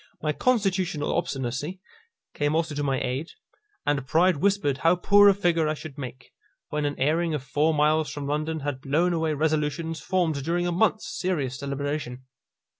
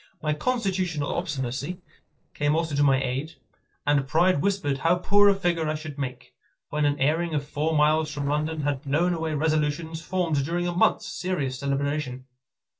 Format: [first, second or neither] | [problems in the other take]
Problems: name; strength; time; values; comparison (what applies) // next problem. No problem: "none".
first | noise reduction (neural separator model SepFormer DNS4)